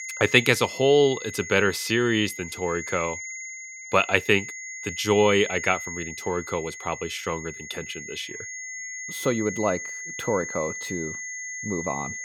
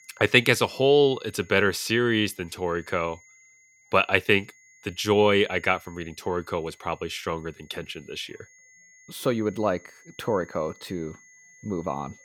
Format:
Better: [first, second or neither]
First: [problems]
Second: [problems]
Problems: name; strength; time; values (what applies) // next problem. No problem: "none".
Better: second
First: high-pitched whine; loud; throughout; 2 kHz, 9 dB below the speech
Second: high-pitched whine; faint; throughout; 2 kHz, 30 dB below the speech